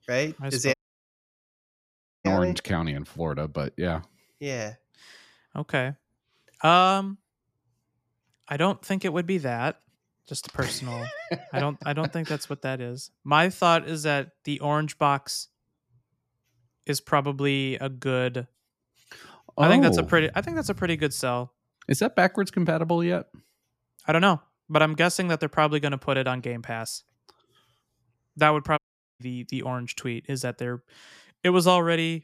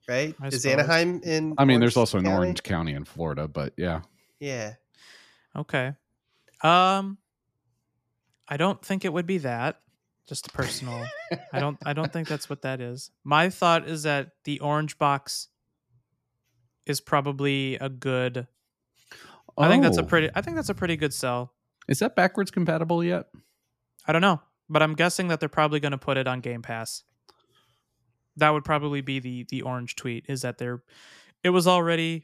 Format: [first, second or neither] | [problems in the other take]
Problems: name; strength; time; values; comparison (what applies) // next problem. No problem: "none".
second | audio cutting out; at 0.5 s for 1.5 s and at 29 s